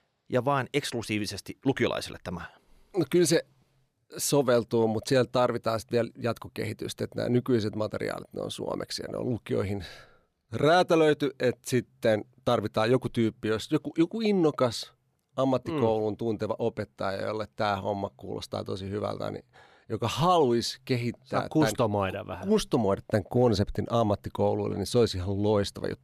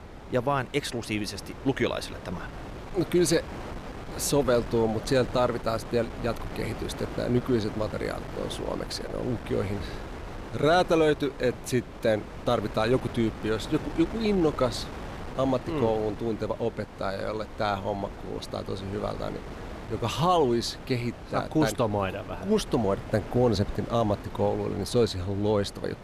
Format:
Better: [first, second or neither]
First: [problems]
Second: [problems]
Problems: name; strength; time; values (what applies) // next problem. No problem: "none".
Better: first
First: none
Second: wind noise on the microphone; occasional gusts; 15 dB below the speech